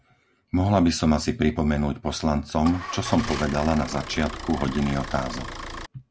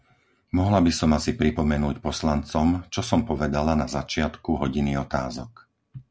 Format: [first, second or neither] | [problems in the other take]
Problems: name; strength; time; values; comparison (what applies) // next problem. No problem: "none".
second | background sound (Idling / Engine starting / Motor vehicle (road)); 10 dB below the speech